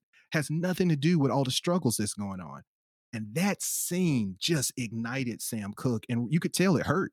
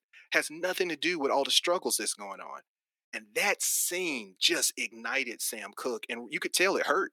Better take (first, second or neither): first